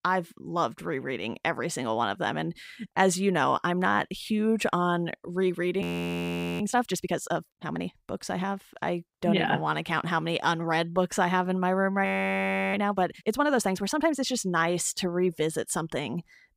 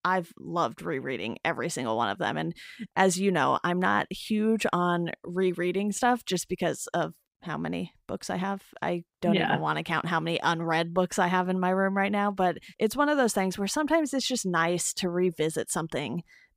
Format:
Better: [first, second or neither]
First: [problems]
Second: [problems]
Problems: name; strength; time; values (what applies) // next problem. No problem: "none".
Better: second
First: audio freezing; at 6 s for 1 s and at 12 s for 0.5 s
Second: none